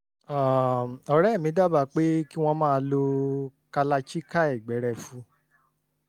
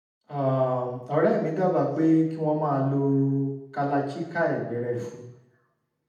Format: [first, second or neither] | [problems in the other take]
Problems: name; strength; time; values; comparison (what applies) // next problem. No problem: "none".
first | room echo; dies away in 0.8 s